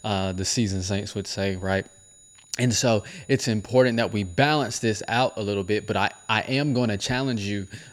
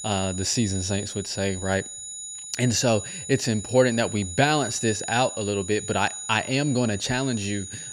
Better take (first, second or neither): first